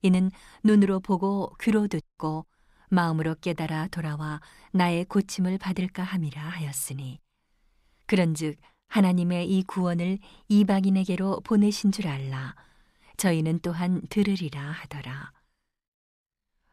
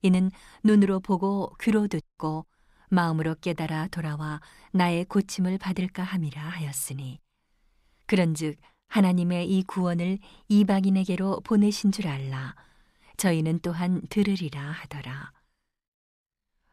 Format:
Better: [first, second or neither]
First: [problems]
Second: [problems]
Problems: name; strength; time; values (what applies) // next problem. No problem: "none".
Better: neither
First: none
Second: none